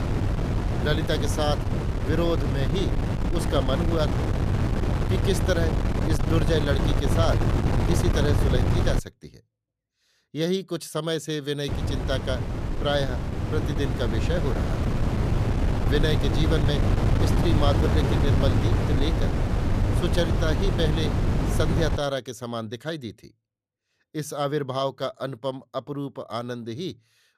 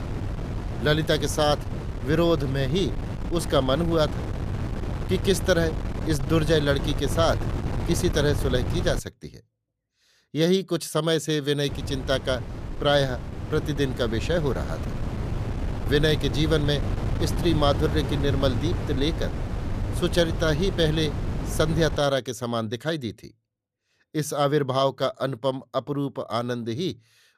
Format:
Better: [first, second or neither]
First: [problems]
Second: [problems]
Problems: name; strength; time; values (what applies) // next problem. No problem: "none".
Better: second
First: wind noise on the microphone; heavy; until 9 s and from 12 to 22 s; 2 dB below the speech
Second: wind noise on the microphone; occasional gusts; until 9 s and from 12 to 22 s; 10 dB below the speech